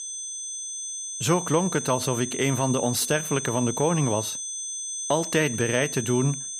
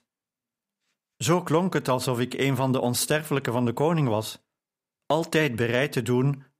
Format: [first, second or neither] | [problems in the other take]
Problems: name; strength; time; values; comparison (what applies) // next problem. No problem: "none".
second | high-pitched whine; loud; throughout; 6 kHz, 5 dB below the speech